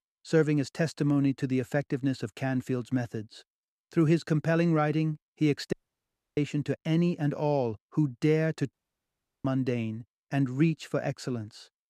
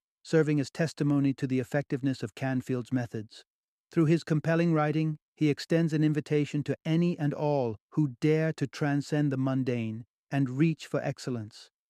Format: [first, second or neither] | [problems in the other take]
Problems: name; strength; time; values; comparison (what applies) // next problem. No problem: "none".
second | audio cutting out; at 5.5 s for 0.5 s and at 8.5 s for 0.5 s